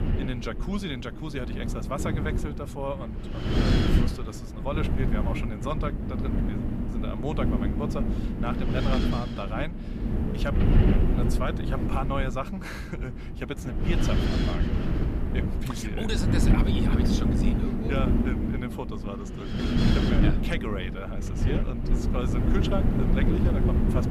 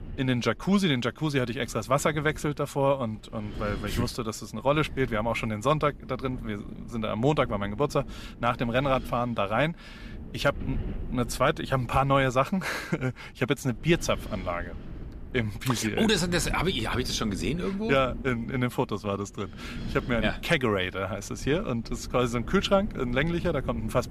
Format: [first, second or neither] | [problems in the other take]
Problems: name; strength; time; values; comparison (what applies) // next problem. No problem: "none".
second | wind noise on the microphone; heavy; 1 dB above the speech; occasional gusts in the second